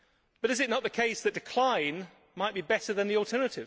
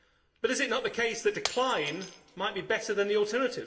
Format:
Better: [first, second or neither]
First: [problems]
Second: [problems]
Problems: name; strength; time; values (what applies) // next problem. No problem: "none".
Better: first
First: none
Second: background sound (Shatter); 15 dB below the speech // room echo; dies away in 0.9 s